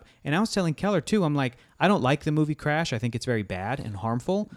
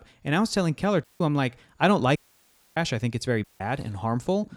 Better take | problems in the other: first | audio cutting out; at 1 s, at 2 s for 0.5 s and at 3.5 s

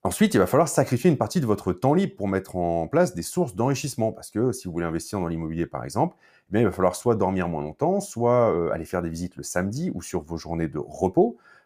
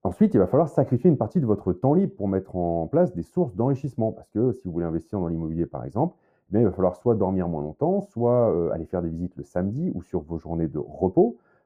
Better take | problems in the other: first | muffled; very; fading above 1.5 kHz

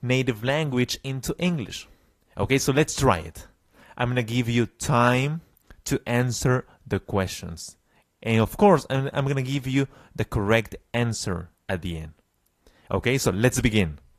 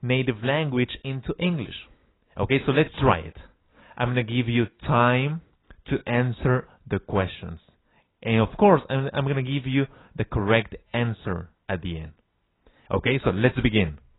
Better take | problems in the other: first | garbled, watery; badly; nothing above 4 kHz; slightly in the first

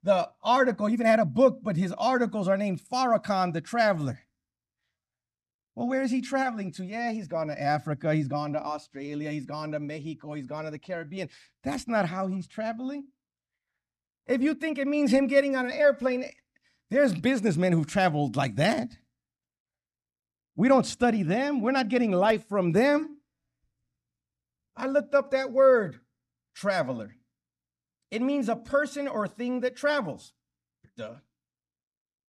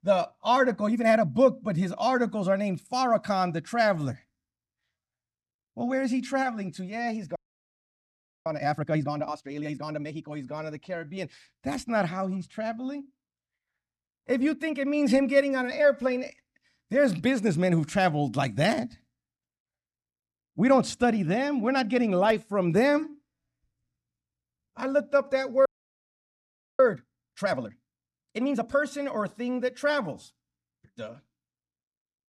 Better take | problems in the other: first | audio freezing; at 7.5 s for 1 s and at 26 s for 1 s

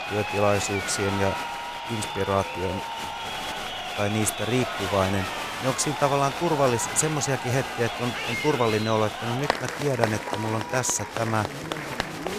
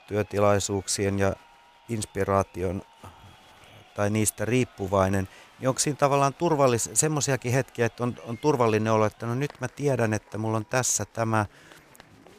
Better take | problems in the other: second | crowd noise; loud; throughout; 4 dB below the speech; faint in the second

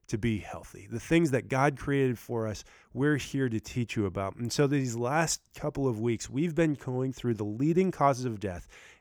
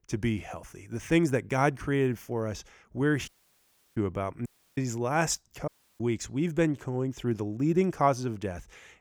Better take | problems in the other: first | audio cutting out; at 3.5 s for 0.5 s, at 4.5 s and at 5.5 s

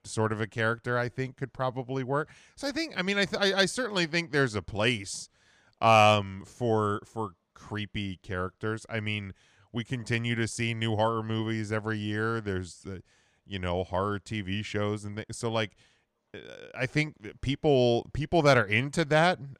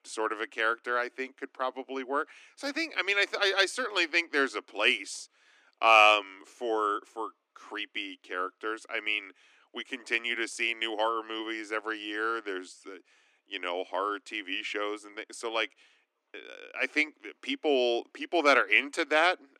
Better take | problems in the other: first | thin; somewhat; fading below 250 Hz

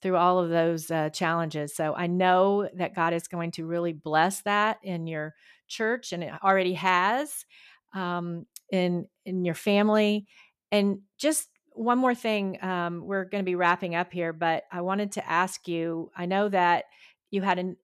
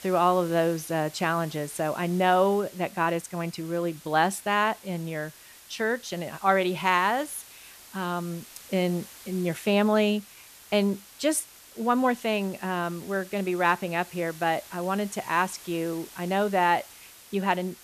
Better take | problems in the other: first | hiss; noticeable; throughout; 20 dB below the speech

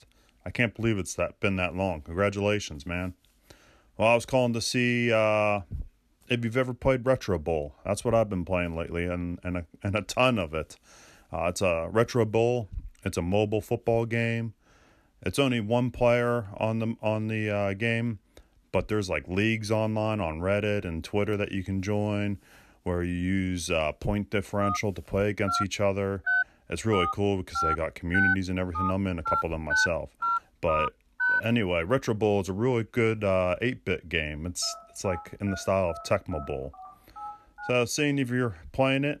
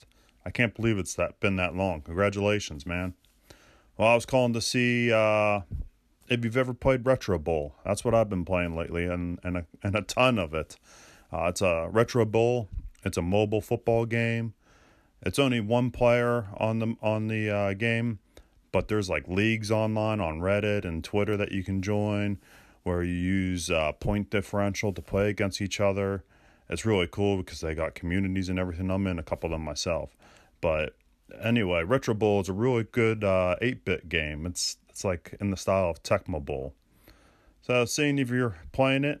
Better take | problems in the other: second | phone ringing; loud; from 25 to 31 s; peak 4 dB above the speech // phone ringing; faint; from 35 to 38 s; peak 15 dB below the speech

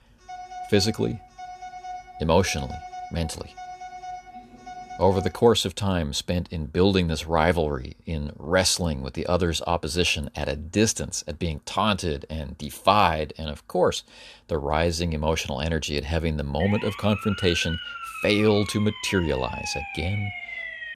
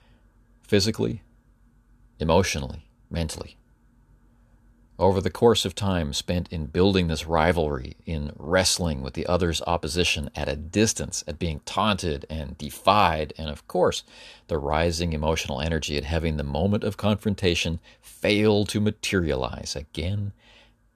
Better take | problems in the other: second | phone ringing; faint; until 5.5 s; peak 10 dB below the speech // siren; noticeable; from 17 s on; peak 8 dB below the speech

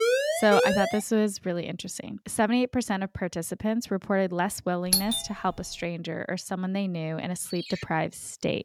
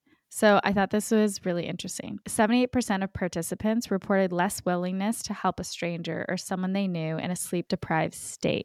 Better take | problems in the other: second | siren; loud; until 1 s; peak 4 dB above the speech // doorbell; loud; at 5 s; peak 5 dB above the speech // phone ringing; faint; at 7.5 s; peak 10 dB below the speech

